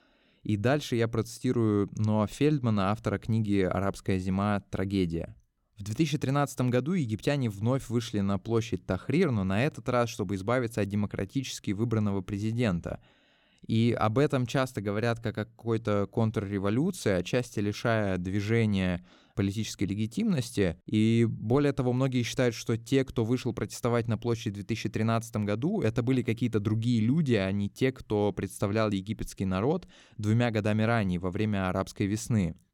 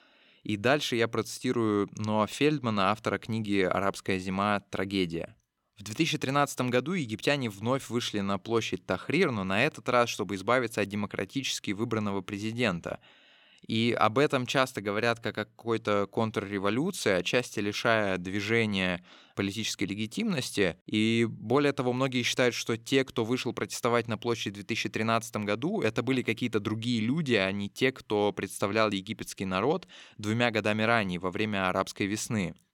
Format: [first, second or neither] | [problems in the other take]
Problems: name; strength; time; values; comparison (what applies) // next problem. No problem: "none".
first | thin; very slightly; fading below 350 Hz